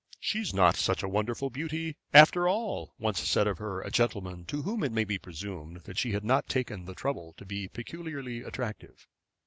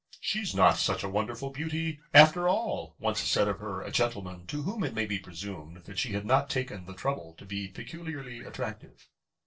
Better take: first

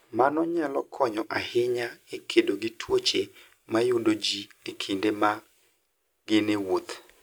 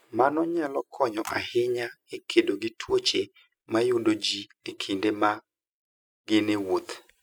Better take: first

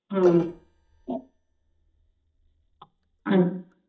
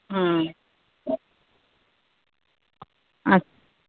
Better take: second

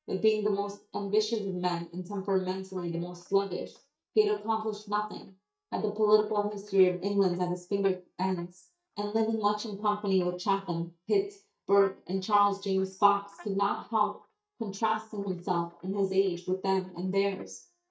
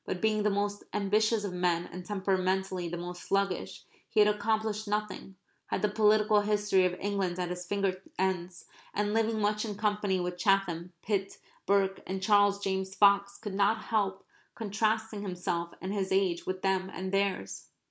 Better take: second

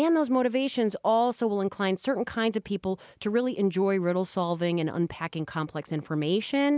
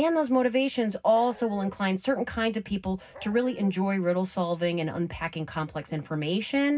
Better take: first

